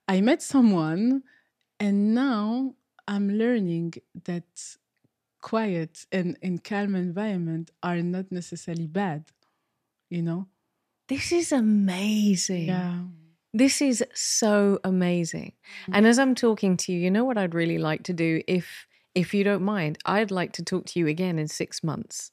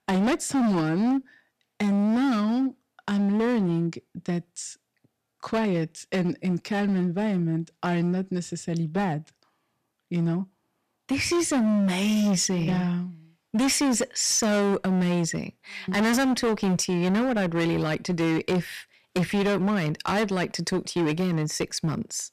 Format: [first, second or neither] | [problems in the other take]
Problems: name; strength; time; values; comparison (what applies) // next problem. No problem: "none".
first | distortion; heavy; 18% of the sound clipped